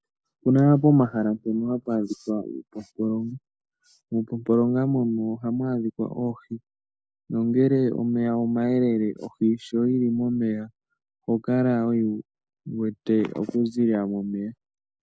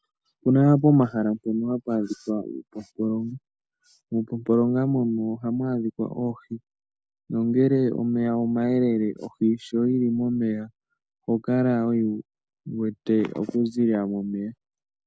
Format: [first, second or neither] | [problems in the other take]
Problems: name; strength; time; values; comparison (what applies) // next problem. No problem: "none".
second | noise reduction (neural mask model Resemble Enhance denoiser)